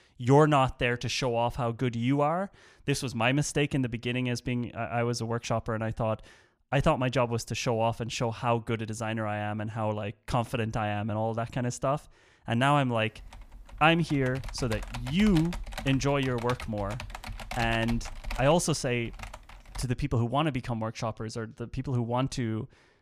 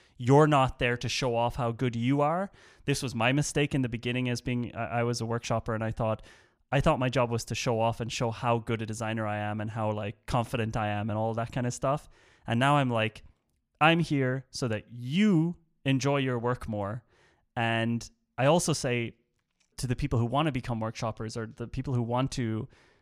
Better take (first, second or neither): second